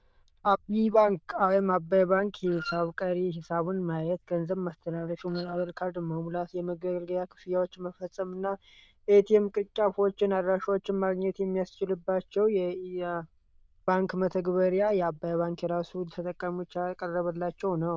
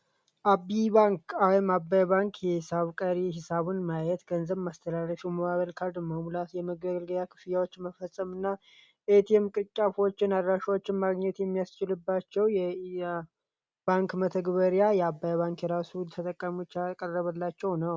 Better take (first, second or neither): second